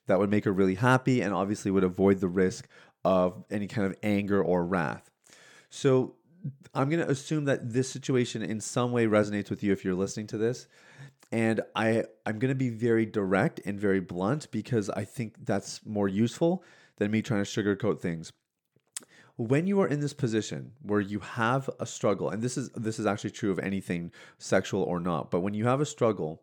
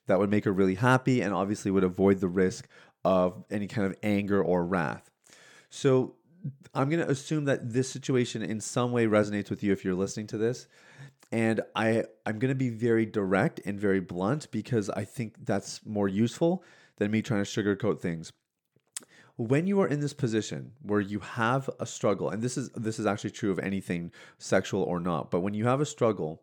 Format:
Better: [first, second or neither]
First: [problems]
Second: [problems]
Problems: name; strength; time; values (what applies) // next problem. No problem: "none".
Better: neither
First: none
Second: none